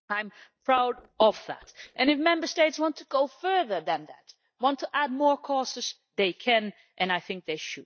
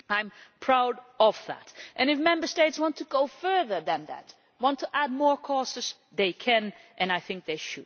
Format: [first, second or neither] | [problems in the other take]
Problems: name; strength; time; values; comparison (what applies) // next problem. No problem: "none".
second | noise reduction (neural mask model DeepFilterNet 3)